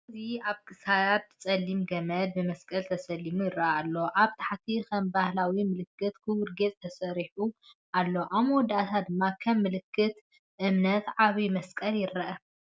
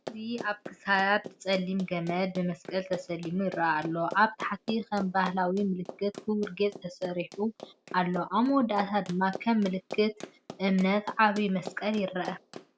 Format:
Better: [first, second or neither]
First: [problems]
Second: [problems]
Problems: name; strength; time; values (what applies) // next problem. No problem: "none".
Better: first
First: none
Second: background sound (Run); 16 dB below the speech